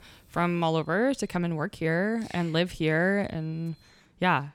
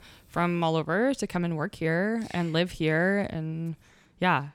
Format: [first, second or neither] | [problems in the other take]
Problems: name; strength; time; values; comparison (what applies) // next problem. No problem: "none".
second | high-pitched whine; faint; at 0.5 s, at 2 s and at 3 s; 4 kHz, 35 dB below the speech